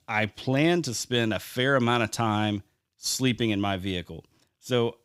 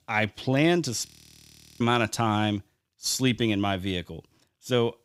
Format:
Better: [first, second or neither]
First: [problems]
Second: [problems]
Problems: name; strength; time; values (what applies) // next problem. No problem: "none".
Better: first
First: none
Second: audio freezing; at 1 s for 0.5 s